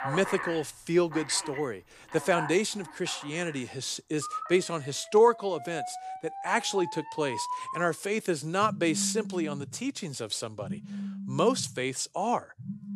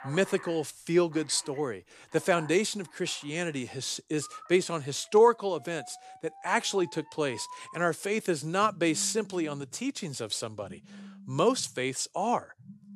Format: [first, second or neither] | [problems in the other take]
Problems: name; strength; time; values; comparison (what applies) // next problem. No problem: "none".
second | alarms or sirens; loud; throughout; 10 dB below the speech; faint in the second